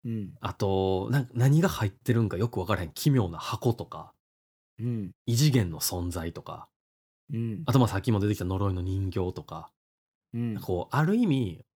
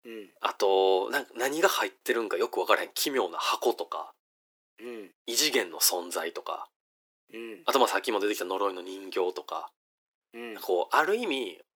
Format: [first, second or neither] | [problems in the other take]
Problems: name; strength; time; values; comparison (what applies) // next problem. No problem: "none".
first | thin; very; fading below 400 Hz